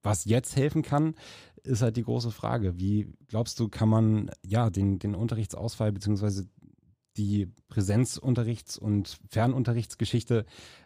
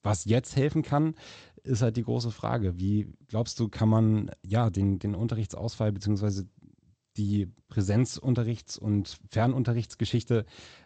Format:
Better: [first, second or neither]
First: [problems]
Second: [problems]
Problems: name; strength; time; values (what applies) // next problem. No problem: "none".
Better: first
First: none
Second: garbled, watery; slightly; nothing above 8 kHz